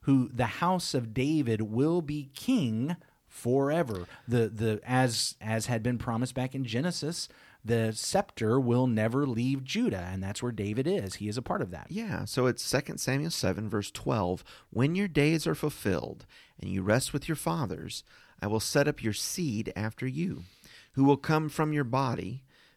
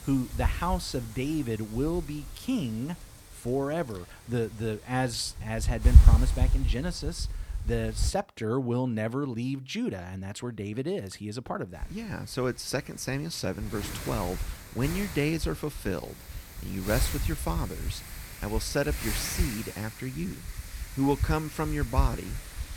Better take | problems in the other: first | wind noise on the microphone; heavy; until 8 s and from 12 s on; 9 dB below the speech

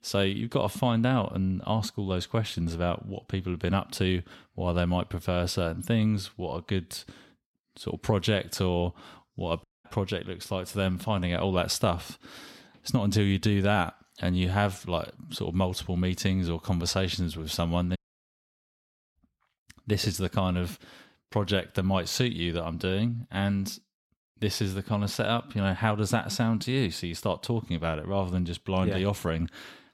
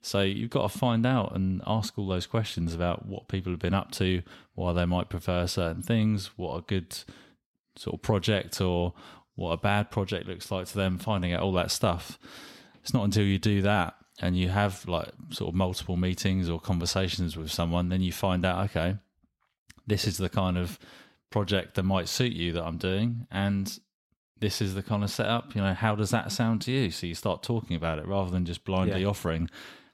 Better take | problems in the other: second | audio cutting out; at 9.5 s and at 18 s for 1 s

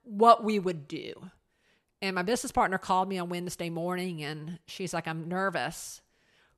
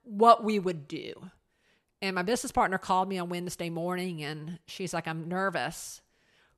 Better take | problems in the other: neither | none

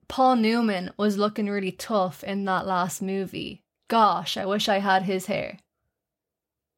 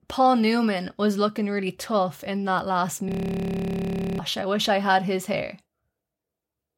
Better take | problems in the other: first | audio freezing; at 3 s for 1 s

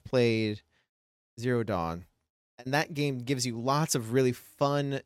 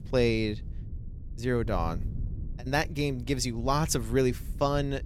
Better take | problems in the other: first | wind noise on the microphone; occasional gusts; 25 dB below the speech

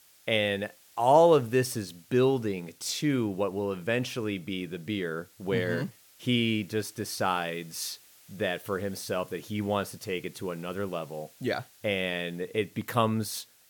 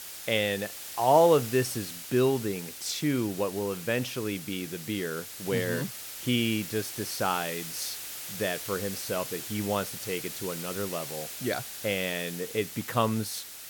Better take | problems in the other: first | hiss; loud; throughout; 8 dB below the speech; faint in the first

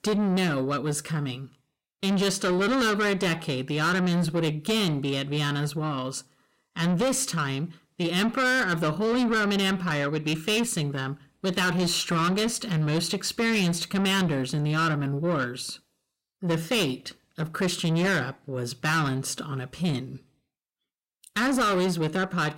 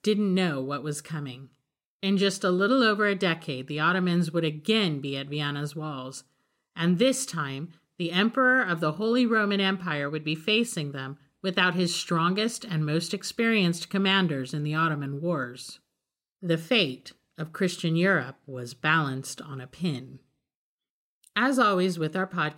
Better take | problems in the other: second | distortion; heavy; 7 dB below the speech

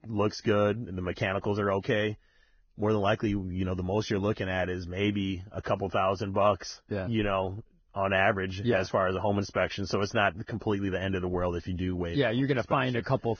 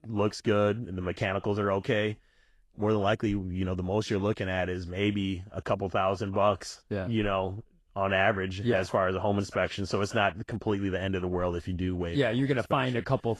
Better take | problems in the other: second | garbled, watery; badly; nothing above 6.5 kHz; slightly in the second

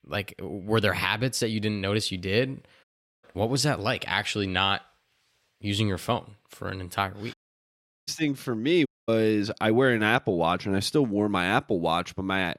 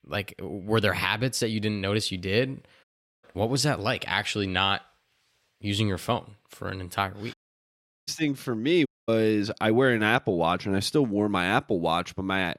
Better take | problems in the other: neither | audio cutting out; at 3 s, at 7.5 s for 0.5 s and at 9 s; the same in both

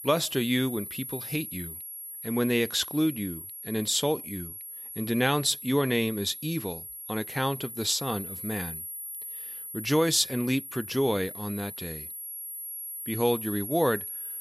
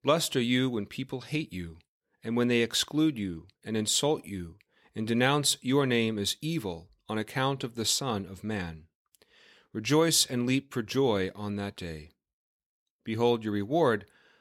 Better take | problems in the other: second | high-pitched whine; loud; throughout; 11.5 kHz, 9 dB below the speech

